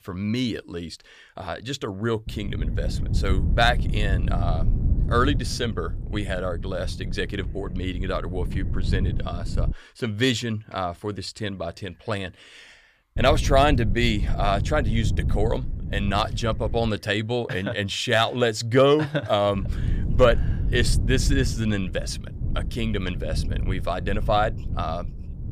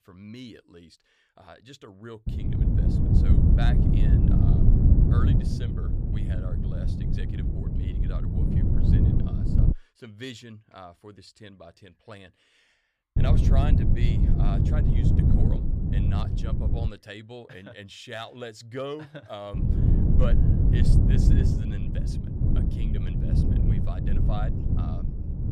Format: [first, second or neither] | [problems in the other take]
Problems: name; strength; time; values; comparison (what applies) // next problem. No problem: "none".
first | wind noise on the microphone; heavy; from 2.5 to 9.5 s, from 13 to 17 s and from 20 s on; 4 dB above the speech; occasional gusts in the first